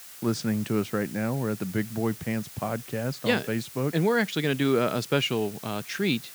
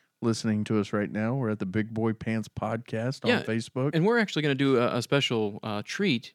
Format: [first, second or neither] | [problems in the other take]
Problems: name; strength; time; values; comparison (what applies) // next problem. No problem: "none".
second | hiss; noticeable; throughout; 15 dB below the speech